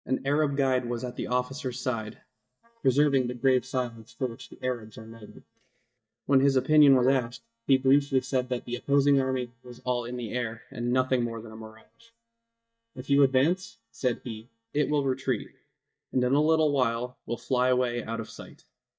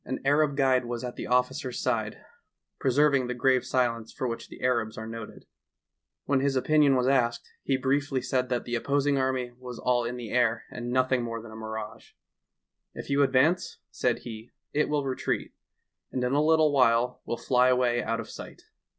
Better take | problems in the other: second | noise reduction (neural mask model DeepFilterNet 3)

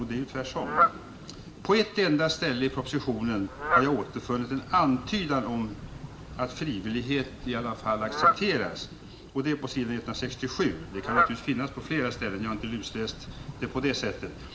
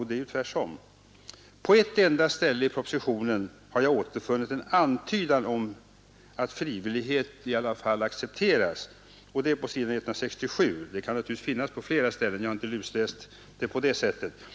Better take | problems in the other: second | background sound (Fowl); 4 dB below the speech // room echo; dies away in 0.4 s

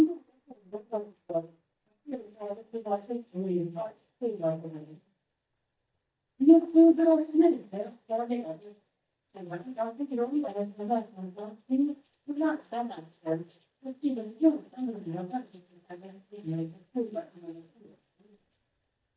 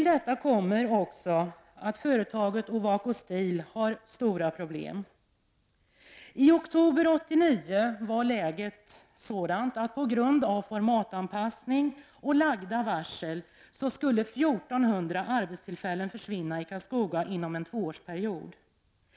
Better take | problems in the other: second | noise reduction (neural mask model DeepFilterNet 3)

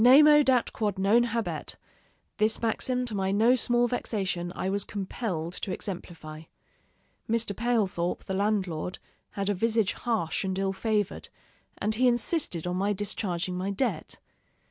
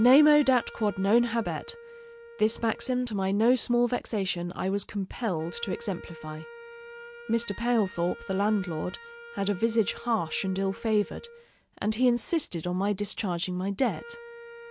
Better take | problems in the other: first | background sound (Wind instrument, woodwind instrument); 19 dB below the speech

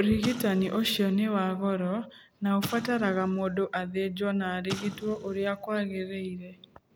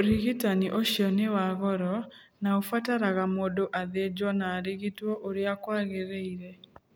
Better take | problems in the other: second | background sound (Explosion); 15 dB below the speech

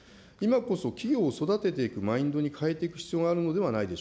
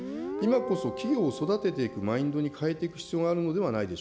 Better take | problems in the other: first | background sound (Guitar); 10 dB below the speech

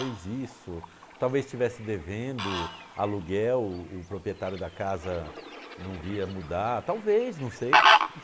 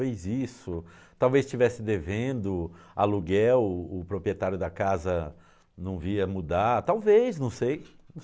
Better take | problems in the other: second | background sound (Fowl); 1 dB above the speech

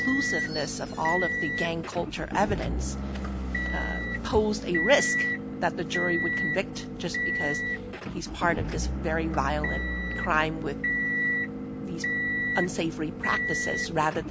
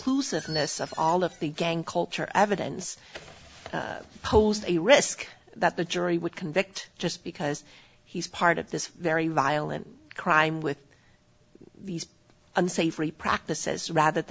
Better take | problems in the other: second | background sound (Motor vehicle (road) / Engine); as loud as the speech

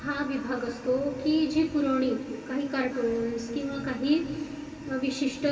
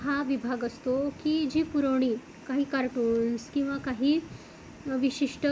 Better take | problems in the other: second | room echo; dies away in 2.8 s

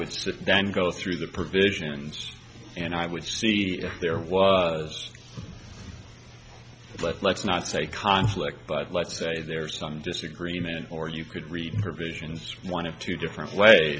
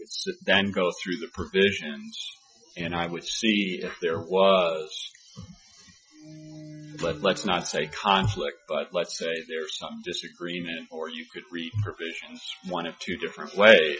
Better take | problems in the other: first | noise reduction (classical method Wiener filter)

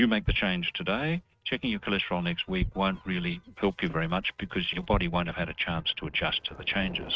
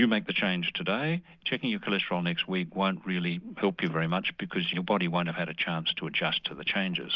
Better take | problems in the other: second | noise reduction (neural mask model RNNoise)

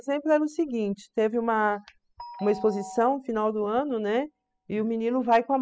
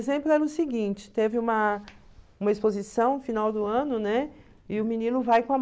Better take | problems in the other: second | noise reduction (classical method spectral subtraction)

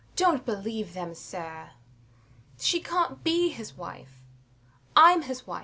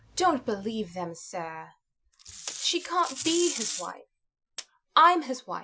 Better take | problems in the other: first | noise reduction (classical method Wiener filter)

